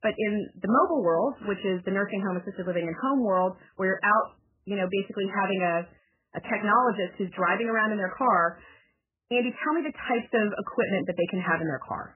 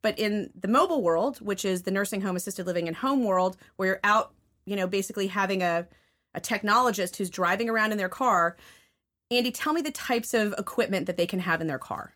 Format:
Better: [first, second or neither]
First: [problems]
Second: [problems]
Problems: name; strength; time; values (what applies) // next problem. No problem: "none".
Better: second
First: garbled, watery; badly; nothing above 3 kHz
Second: none